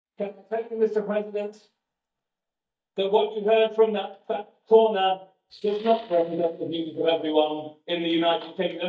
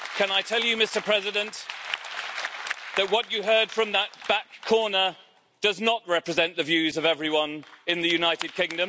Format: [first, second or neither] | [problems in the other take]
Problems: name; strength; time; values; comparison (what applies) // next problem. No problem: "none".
second | noise reduction (neural mask model DeepFilterNet 3)